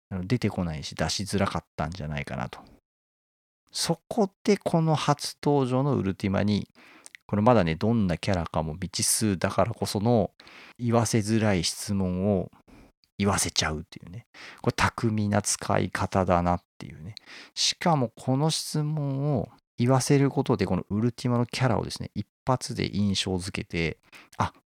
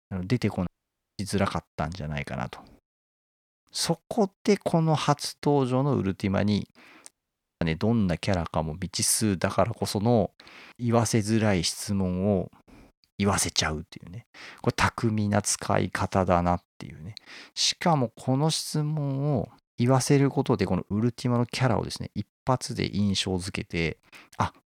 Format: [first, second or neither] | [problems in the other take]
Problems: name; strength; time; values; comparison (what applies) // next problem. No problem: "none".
first | audio cutting out; at 0.5 s for 0.5 s and at 7 s for 0.5 s